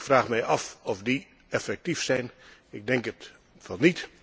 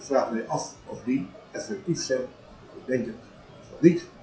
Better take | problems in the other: first | noise reduction (classical method WPE with log-MMSE)

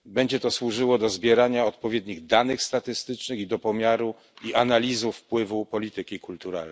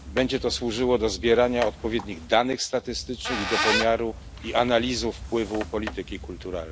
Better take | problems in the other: first | background sound (Squeak); 8 dB below the speech

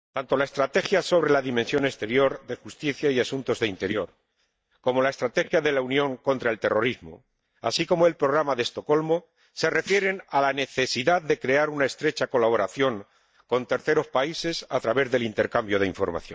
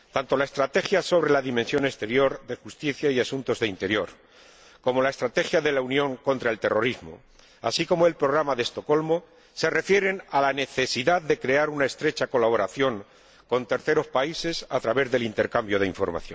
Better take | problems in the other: second | noise reduction (neural mask model DeepFilterNet 3)

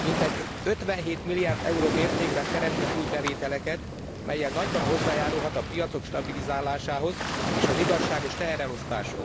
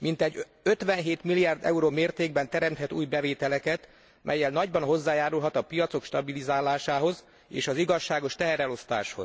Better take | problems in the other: second | background sound (Waves, surf); as loud as the speech

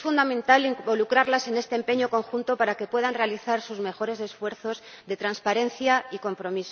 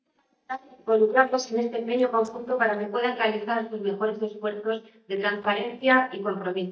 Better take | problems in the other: first | noise reduction (neural mask model DeepFilterNet 3)

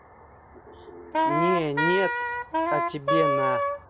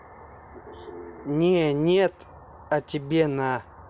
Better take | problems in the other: second | background sound (Wind instrument, woodwind instrument); 5 dB above the speech

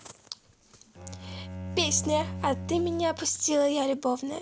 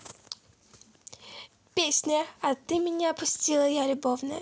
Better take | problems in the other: second | background sound (Bowed string instrument); 10 dB below the speech

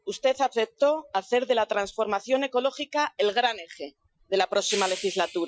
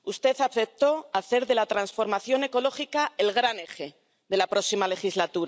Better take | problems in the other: second | noise reduction (classical method Wiener filter)

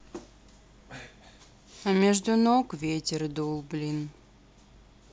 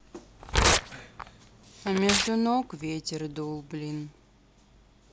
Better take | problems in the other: first | background sound (Tearing); 1 dB above the speech

